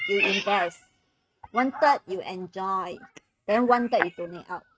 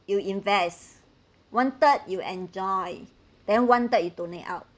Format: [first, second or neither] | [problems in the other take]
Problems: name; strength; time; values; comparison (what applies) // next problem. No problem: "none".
second | noise reduction (neural mask model RNNoise)